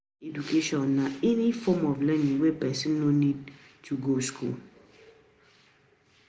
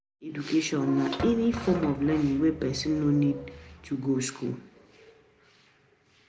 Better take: first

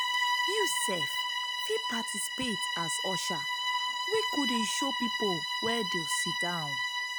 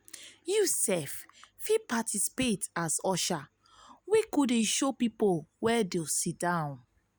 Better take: second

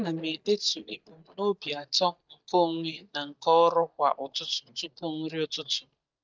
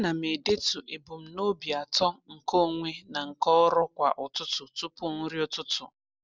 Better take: second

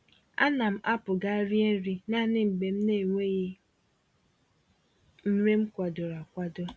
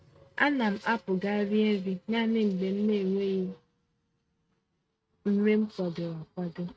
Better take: first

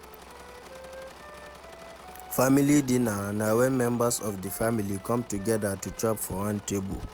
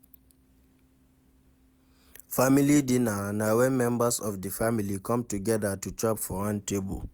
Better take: second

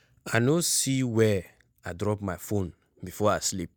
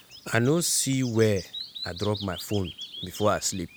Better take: first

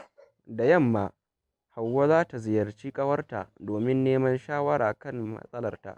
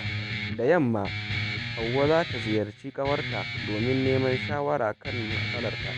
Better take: first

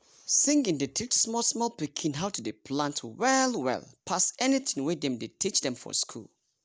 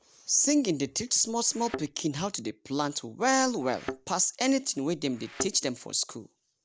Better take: first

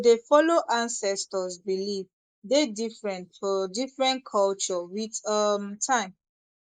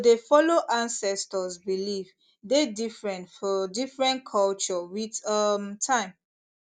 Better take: second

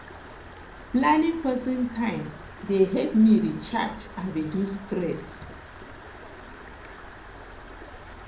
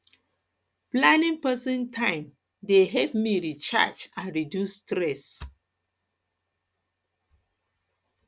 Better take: second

